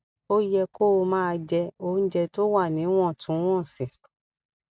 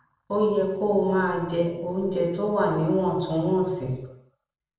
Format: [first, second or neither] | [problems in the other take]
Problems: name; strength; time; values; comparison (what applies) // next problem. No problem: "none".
first | room echo; dies away in 0.7 s